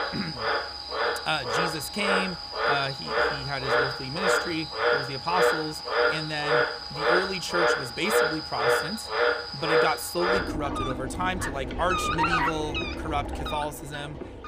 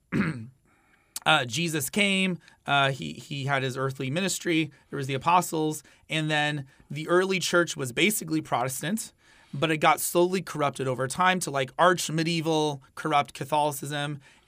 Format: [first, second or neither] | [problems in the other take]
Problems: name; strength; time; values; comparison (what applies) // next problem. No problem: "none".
second | animal sounds; very loud; throughout; 5 dB above the speech